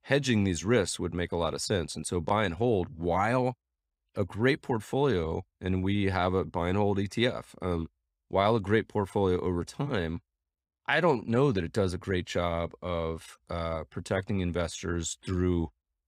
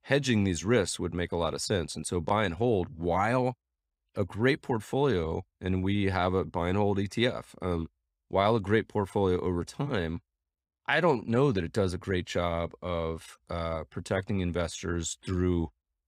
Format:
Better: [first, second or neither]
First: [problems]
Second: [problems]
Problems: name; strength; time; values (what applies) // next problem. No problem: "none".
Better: neither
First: none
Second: none